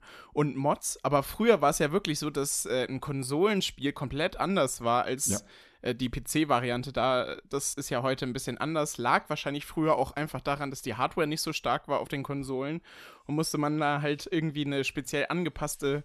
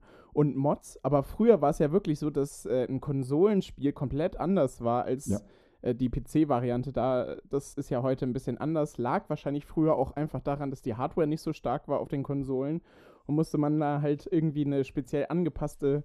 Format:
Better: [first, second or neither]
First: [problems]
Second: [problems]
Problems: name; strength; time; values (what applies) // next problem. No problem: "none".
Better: first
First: none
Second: muffled; slightly; fading above 1 kHz